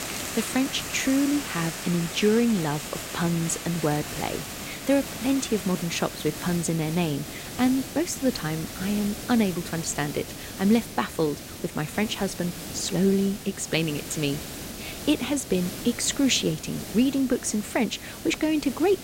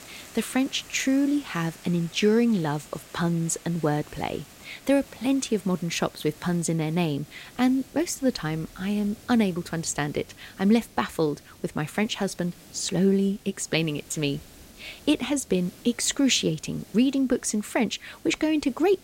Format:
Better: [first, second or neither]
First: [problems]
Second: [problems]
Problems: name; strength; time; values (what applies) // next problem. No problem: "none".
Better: second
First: hiss; loud; throughout; 9 dB below the speech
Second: hiss; faint; throughout; 20 dB below the speech